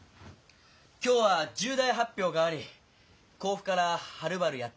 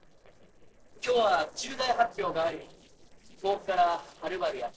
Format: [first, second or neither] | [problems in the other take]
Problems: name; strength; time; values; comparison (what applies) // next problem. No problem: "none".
first | noise reduction (neural separator model SepFormer DNS4)